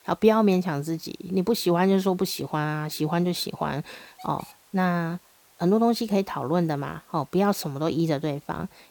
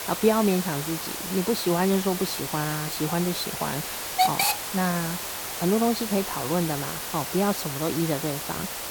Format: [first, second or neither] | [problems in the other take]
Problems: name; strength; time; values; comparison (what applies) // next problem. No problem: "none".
first | hiss; loud; throughout; 2 dB below the speech; faint in the first